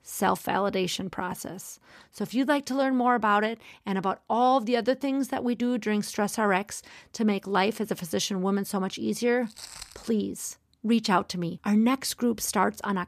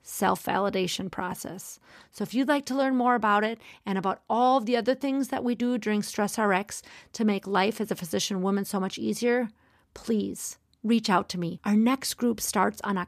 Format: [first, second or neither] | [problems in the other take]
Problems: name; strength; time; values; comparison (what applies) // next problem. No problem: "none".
second | footsteps; faint; at 9.5 s; peak 15 dB below the speech